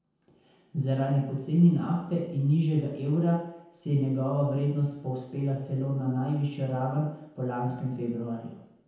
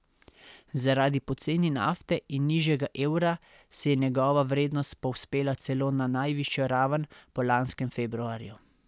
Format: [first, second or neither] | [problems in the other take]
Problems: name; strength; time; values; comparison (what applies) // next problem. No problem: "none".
second | room echo; dies away in 0.9 s